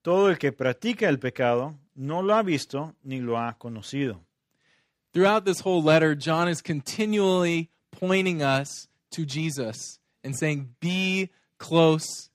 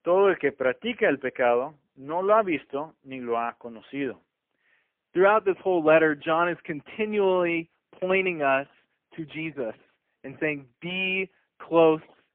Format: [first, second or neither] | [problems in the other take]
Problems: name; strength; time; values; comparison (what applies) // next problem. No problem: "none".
first | phone-call audio; poor line